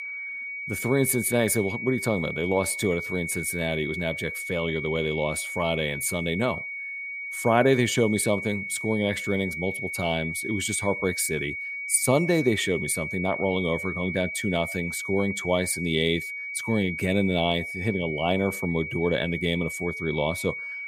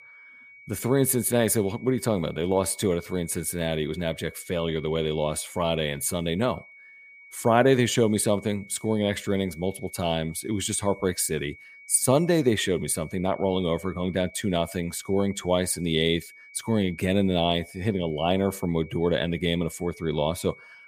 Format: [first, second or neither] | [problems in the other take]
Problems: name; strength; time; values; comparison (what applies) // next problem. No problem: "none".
second | high-pitched whine; loud; throughout; 2 kHz, 5 dB below the speech; faint in the second